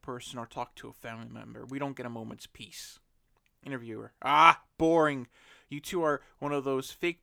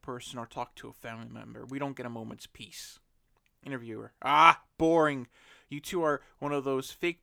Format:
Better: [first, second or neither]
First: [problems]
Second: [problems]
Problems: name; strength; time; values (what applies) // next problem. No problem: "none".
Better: neither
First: none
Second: none